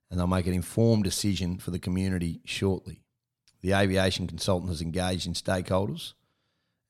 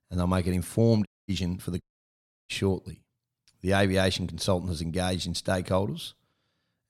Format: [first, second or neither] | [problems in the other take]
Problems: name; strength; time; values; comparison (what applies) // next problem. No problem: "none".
first | audio cutting out; at 1 s and at 2 s for 0.5 s